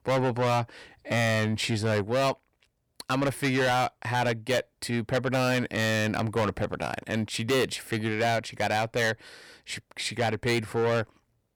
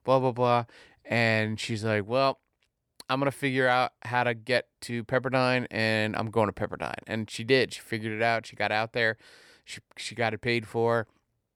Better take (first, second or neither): second